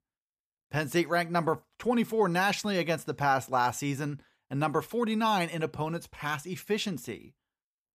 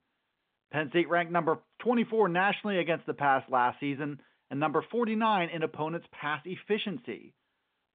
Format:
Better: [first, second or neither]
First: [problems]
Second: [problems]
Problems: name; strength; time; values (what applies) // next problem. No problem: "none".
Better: first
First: none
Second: phone-call audio